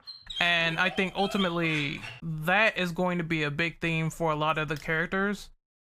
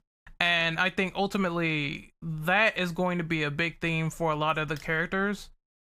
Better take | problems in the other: second | dog barking; noticeable; until 2 s; peak 8 dB below the speech

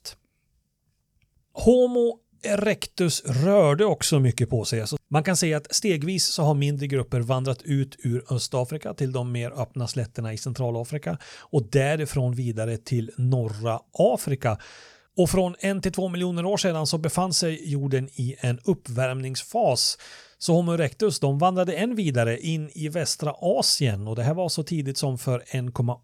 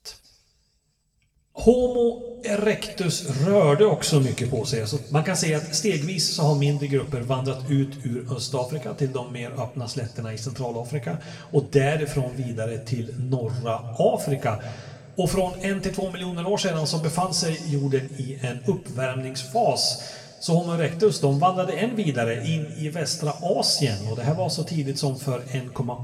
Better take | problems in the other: first | room echo; slight; dies away in 1.4 s // off-mic speech; somewhat distant

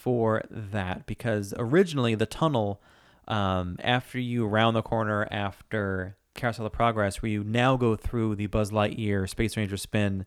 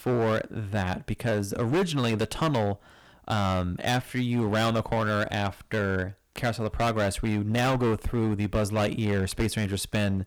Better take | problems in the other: first | distortion; heavy; 14% of the sound clipped

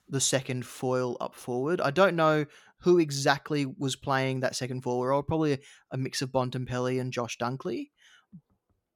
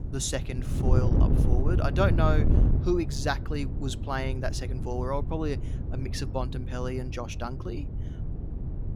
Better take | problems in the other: first | wind noise on the microphone; heavy; 8 dB below the speech

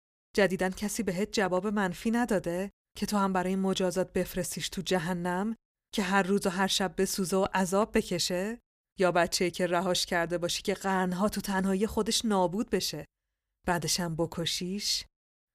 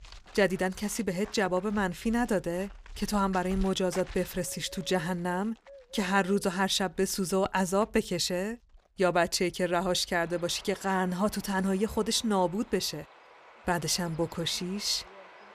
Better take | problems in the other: first | animal sounds; faint; throughout; 20 dB below the speech

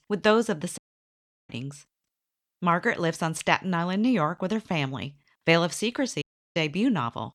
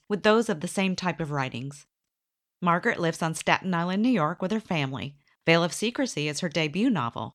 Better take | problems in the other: second | audio cutting out; at 1 s for 0.5 s and at 6 s

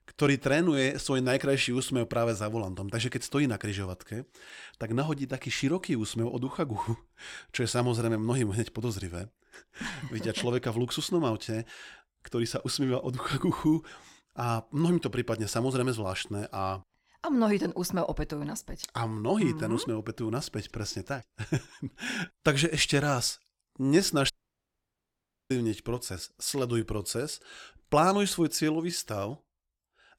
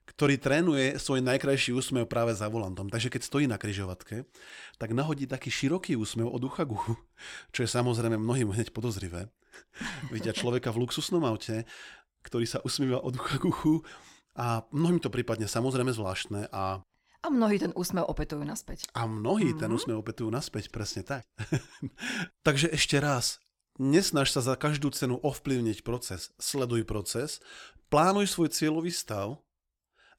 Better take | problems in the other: second | audio cutting out; at 24 s for 1 s

